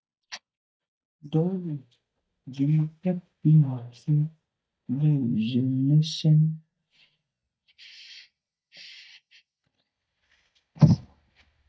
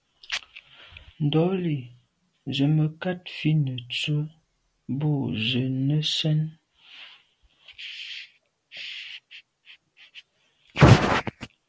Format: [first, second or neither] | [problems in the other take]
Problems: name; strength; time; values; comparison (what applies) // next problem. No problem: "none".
second | noise reduction (neural mask model DeepFilterNet 3)